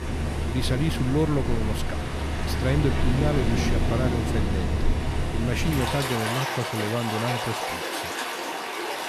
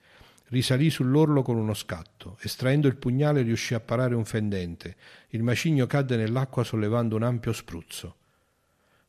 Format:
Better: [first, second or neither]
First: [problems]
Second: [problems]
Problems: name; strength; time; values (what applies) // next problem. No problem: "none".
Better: second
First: rain or running water; very loud; throughout; as loud as the speech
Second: none